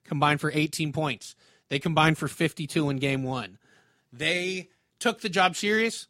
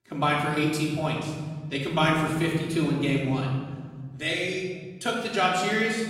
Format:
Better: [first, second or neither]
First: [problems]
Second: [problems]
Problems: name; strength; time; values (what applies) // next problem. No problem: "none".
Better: first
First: none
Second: off-mic speech; far // room echo; noticeable; dies away in 1.9 s